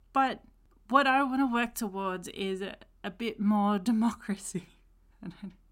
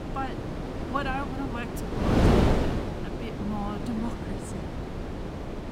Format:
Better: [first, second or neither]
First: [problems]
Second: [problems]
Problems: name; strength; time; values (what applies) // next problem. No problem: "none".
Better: first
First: none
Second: wind noise on the microphone; heavy; 2 dB above the speech